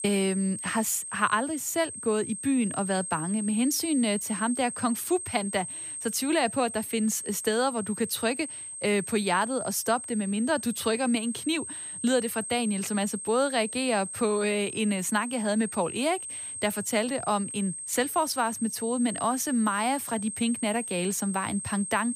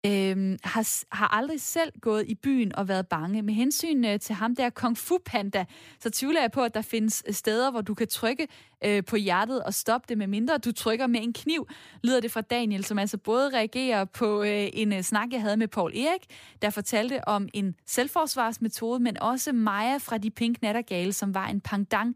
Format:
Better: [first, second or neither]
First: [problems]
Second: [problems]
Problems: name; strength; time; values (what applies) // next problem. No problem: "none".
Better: second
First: high-pitched whine; loud; throughout; 8.5 kHz, 7 dB below the speech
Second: none